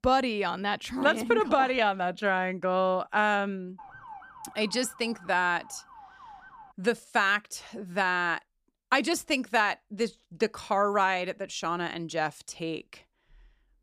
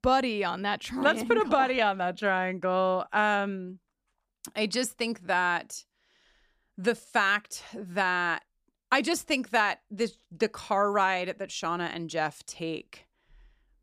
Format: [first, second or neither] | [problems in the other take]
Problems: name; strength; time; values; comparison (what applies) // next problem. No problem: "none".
second | siren; faint; from 4 to 6.5 s; peak 20 dB below the speech